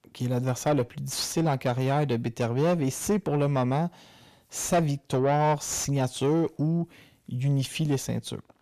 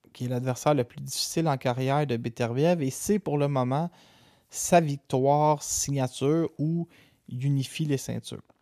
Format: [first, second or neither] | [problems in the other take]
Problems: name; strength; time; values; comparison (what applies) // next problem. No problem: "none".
second | distortion; slight; 9 dB below the speech